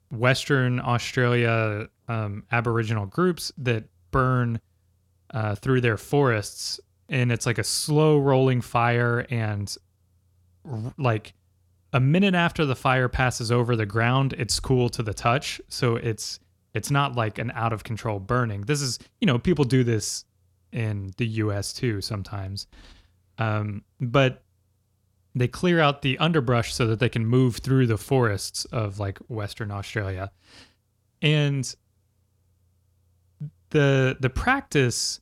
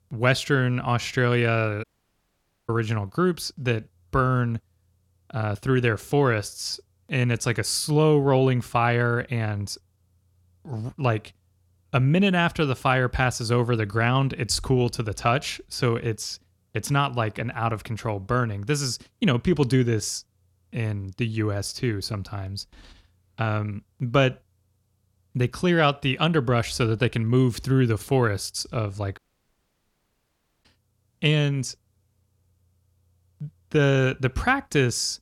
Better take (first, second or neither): first